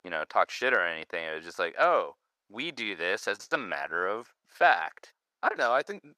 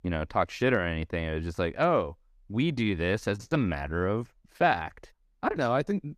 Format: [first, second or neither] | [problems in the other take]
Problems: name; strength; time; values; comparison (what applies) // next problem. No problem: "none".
second | thin; very; fading below 650 Hz